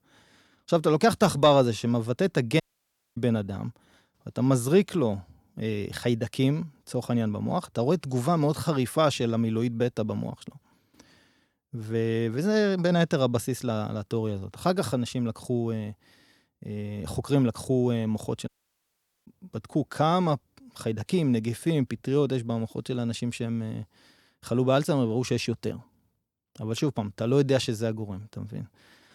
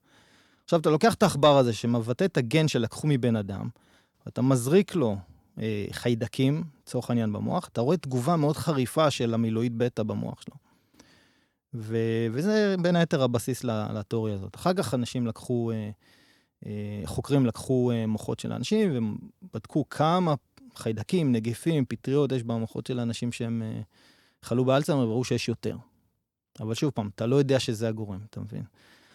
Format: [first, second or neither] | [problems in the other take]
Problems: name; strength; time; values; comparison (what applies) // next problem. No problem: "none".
second | audio cutting out; at 2.5 s for 0.5 s and at 18 s for 1 s